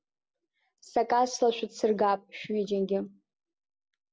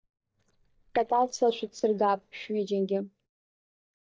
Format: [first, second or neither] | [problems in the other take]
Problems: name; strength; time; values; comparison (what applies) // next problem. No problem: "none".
first | noise reduction (neural mask model DeepFilterNet 3)